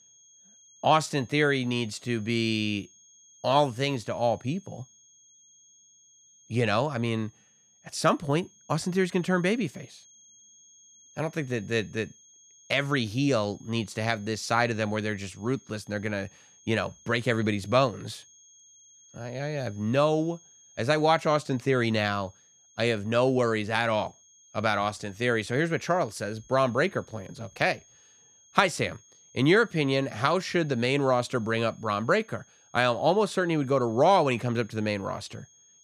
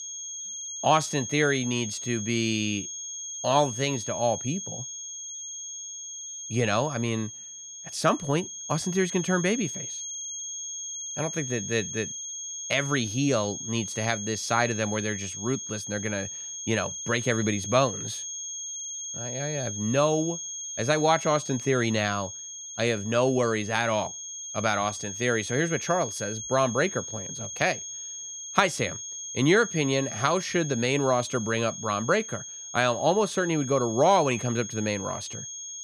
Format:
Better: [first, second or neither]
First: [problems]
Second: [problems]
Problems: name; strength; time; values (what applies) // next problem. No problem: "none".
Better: first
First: high-pitched whine; faint; throughout; 6.5 kHz, 25 dB below the speech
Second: high-pitched whine; loud; throughout; 6.5 kHz, 7 dB below the speech